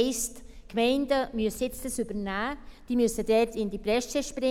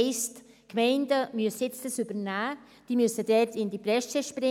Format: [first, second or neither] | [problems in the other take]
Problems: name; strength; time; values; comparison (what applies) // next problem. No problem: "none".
second | background sound (Mechanical fan); 16 dB below the speech